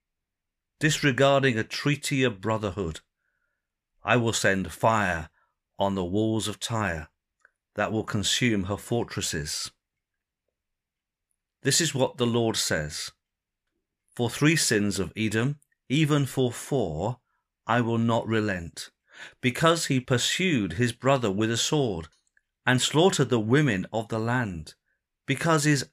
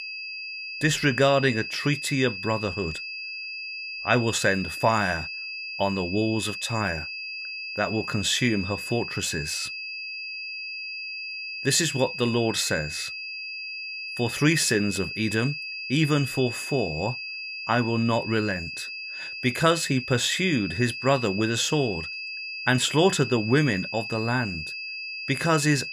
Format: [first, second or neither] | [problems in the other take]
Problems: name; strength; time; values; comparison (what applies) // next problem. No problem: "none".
first | high-pitched whine; loud; throughout; 2.5 kHz, 7 dB below the speech